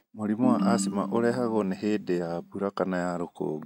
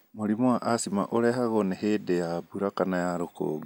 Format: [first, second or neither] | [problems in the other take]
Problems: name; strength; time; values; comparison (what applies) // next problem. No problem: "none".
second | noise reduction (neural mask model RNNoise)